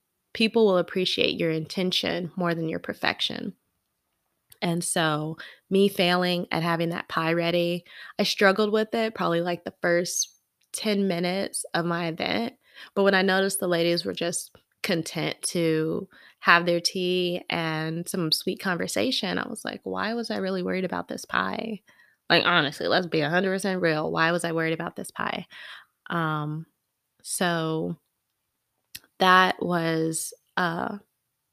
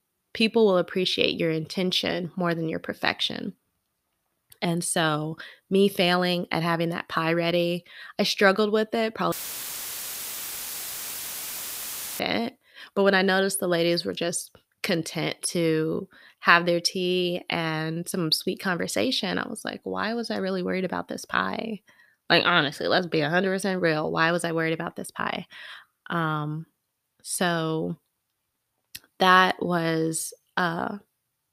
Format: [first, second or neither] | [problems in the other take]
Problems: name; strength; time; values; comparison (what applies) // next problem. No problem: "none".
first | audio cutting out; filled with static; at 9.5 s for 3 s